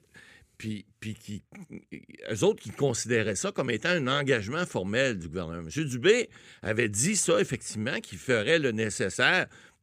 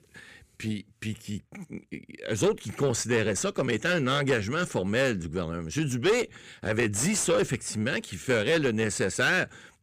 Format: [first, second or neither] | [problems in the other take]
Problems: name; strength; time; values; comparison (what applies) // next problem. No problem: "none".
first | distortion; slight; 9 dB below the speech